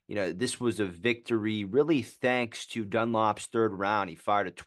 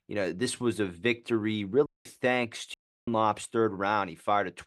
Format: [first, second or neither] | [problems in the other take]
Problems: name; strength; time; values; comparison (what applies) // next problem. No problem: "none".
first | audio cutting out; at 2 s and at 2.5 s